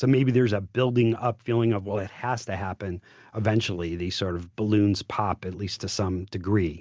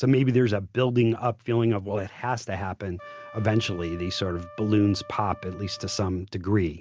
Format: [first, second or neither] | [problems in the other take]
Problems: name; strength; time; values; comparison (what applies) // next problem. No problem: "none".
first | background sound (Trumpet); 20 dB below the speech